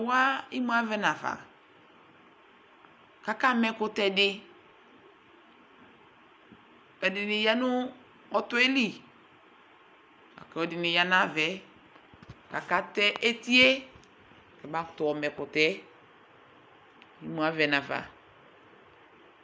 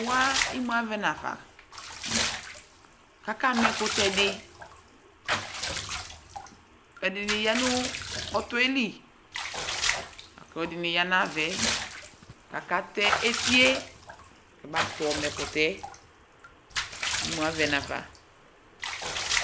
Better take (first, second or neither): first